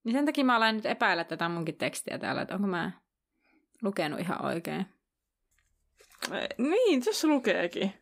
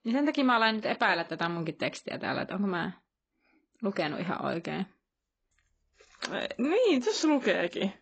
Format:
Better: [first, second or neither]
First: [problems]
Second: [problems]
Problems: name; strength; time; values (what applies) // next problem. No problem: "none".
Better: first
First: none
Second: garbled, watery; badly; nothing above 7.5 kHz